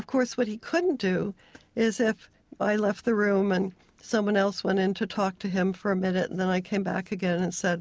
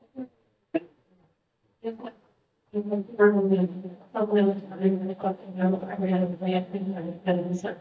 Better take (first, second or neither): first